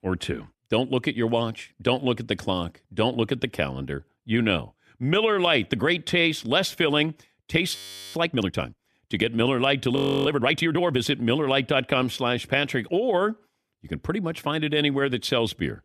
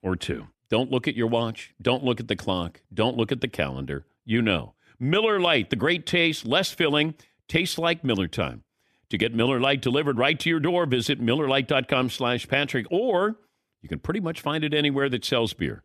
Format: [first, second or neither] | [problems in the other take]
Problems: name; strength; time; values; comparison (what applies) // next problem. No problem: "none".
second | audio freezing; at 8 s and at 10 s